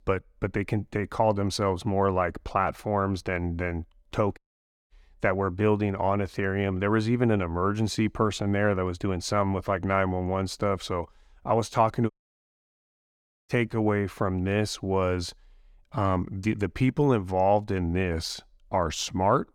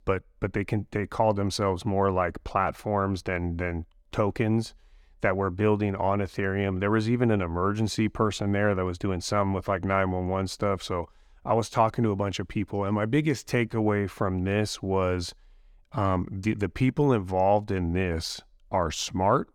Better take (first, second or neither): second